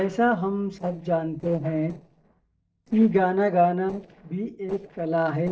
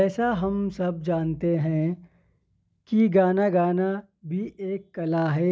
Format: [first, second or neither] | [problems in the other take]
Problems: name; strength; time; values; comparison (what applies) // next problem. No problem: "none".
second | noise reduction (neural separator model SepFormer DNS4)